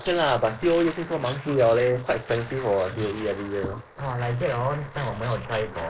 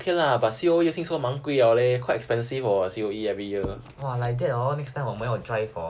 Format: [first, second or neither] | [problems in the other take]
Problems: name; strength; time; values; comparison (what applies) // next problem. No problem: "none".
second | noise reduction (neural mask model Resemble Enhance denoiser)